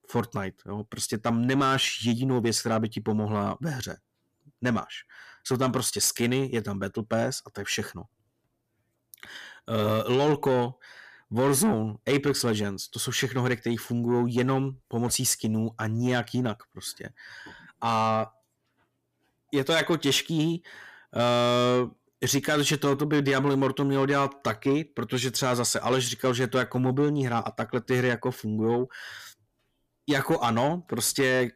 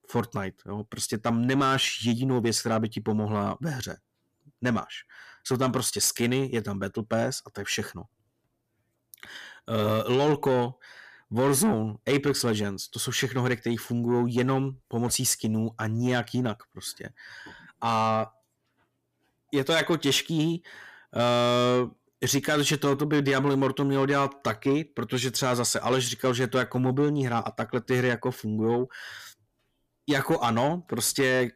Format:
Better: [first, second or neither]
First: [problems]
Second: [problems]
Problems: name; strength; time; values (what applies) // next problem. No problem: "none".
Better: neither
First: distortion; slight; 10 dB below the speech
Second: distortion; slight; 10 dB below the speech